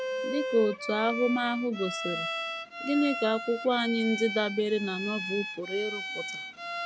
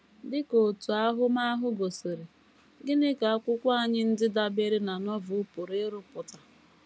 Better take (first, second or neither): second